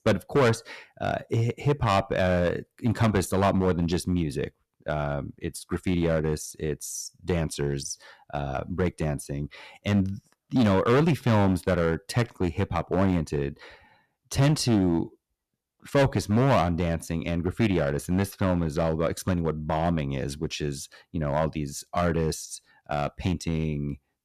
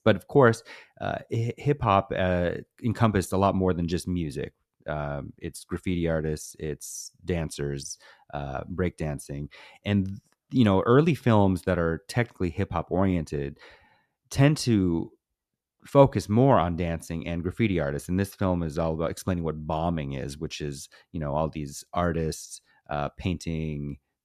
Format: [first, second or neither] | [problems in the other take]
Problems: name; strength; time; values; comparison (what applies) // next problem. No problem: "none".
second | distortion; heavy; 5% of the sound clipped